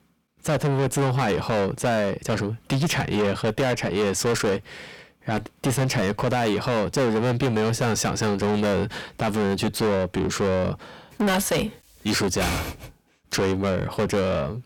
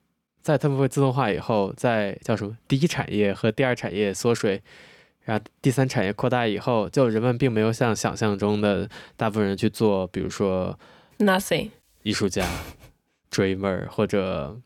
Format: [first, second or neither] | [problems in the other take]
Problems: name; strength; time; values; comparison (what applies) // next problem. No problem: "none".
second | distortion; heavy; 5 dB below the speech